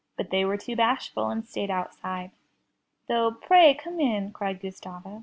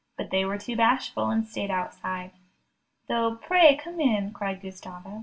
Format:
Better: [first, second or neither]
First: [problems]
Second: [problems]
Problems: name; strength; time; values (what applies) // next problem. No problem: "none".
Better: first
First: none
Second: room echo; dies away in 0.2 s